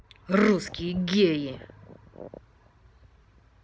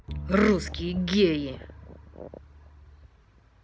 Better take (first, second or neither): first